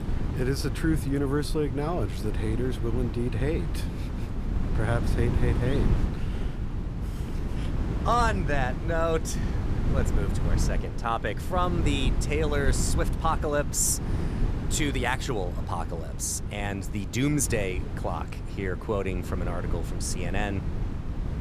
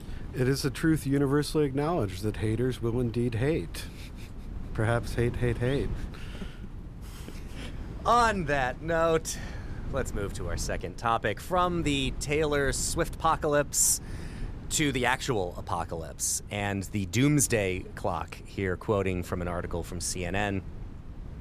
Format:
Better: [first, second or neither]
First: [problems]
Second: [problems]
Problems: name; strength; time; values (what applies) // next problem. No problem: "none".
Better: second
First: wind noise on the microphone; heavy; 10 dB below the speech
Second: wind noise on the microphone; occasional gusts; 20 dB below the speech